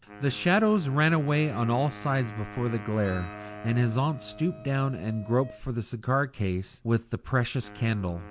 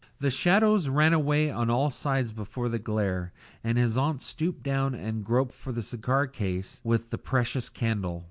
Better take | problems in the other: second | background sound (Wind instrument, woodwind instrument + Wind instrument, woodwind instrument); 17 dB below the speech

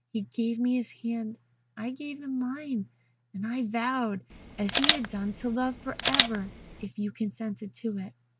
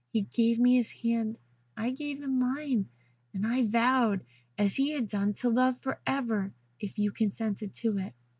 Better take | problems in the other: second | background sound (Camera); 2 dB above the speech

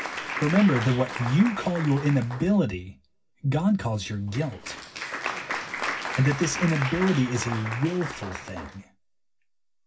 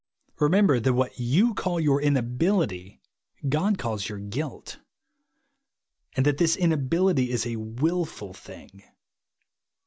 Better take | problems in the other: second | background sound (Applause); 9 dB below the speech // room echo; dies away in 0.4 s

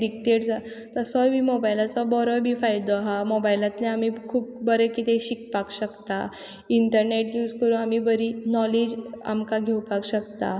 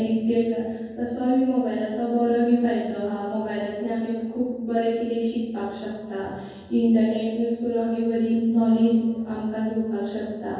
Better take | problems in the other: first | room echo; dies away in 1.3 s

